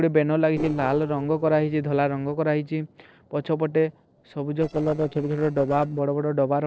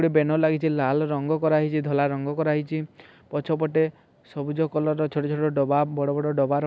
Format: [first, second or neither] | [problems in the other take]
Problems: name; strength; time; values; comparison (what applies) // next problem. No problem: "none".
second | noise reduction (neural separator model SepFormer DNS4)